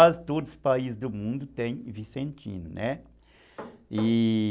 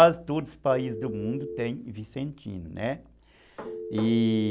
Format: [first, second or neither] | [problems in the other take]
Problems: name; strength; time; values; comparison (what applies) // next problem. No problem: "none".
first | background sound (Telephone); 12 dB below the speech